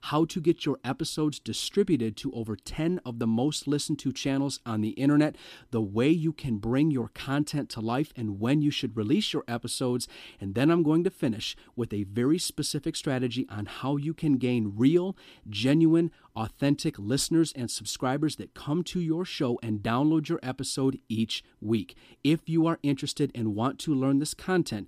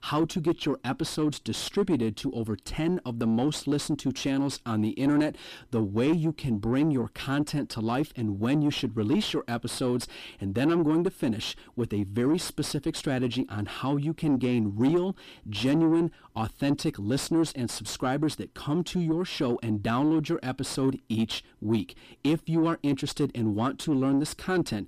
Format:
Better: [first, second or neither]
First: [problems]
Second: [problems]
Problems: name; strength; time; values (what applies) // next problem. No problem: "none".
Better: first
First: none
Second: distortion; slight; 10 dB below the speech